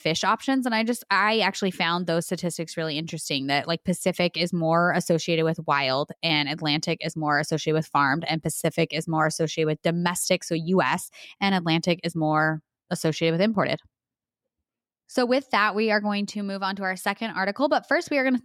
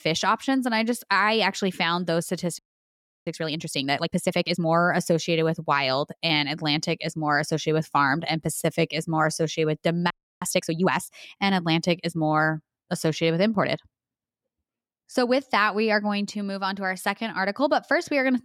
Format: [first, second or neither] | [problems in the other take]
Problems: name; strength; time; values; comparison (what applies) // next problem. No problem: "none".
first | audio freezing; at 2.5 s for 0.5 s and at 10 s